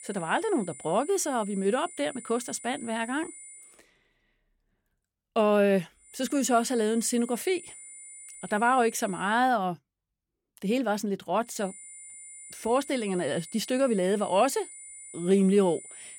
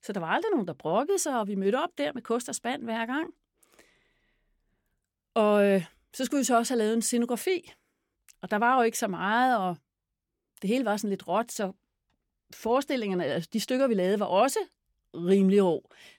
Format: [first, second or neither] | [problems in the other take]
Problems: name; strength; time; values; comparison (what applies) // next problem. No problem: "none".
second | high-pitched whine; noticeable; until 3.5 s, from 6 to 9.5 s and from 12 s on; 9 kHz, 15 dB below the speech